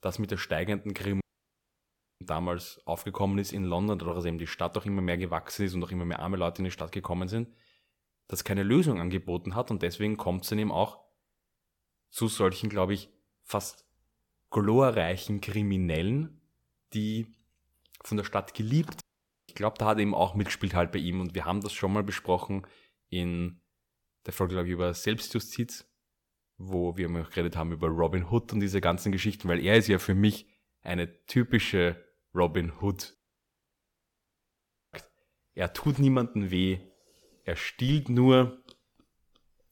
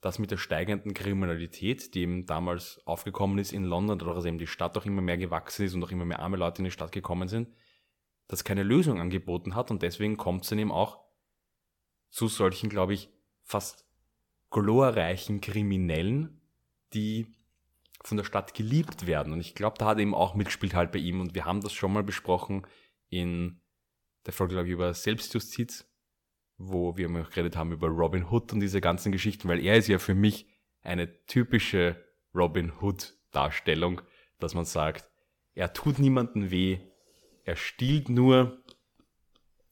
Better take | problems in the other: second | audio cutting out; at 1 s for 1 s, at 19 s and at 33 s for 2 s

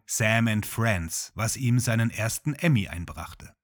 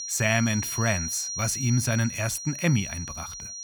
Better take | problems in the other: first | high-pitched whine; loud; throughout; 5.5 kHz, 6 dB below the speech

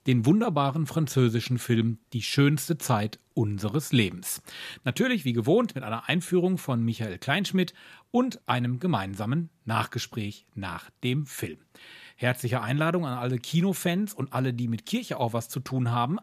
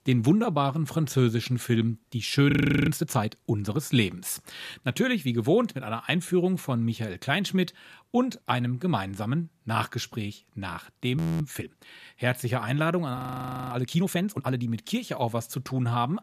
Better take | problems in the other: first | audio freezing; at 2.5 s, at 11 s and at 13 s for 0.5 s

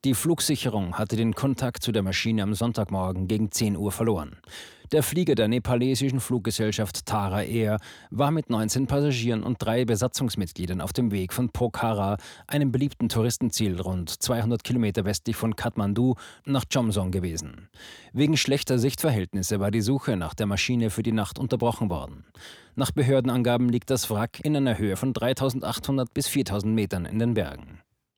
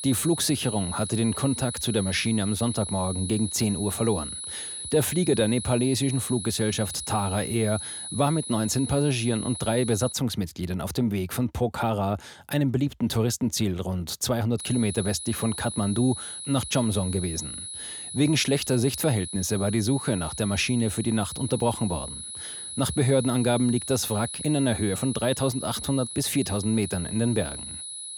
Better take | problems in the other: first | high-pitched whine; loud; until 10 s and from 15 s on; 10 kHz, 7 dB below the speech

